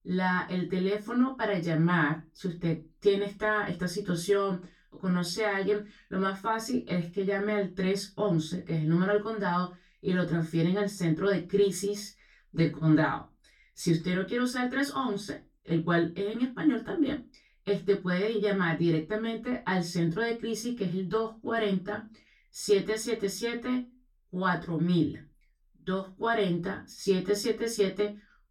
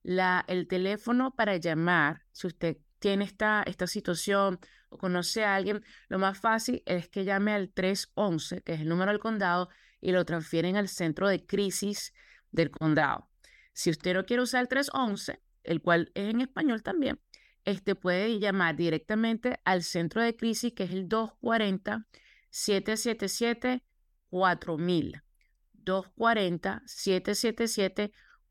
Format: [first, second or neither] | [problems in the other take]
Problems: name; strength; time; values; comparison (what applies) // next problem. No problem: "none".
second | off-mic speech; far // room echo; very slight; dies away in 0.2 s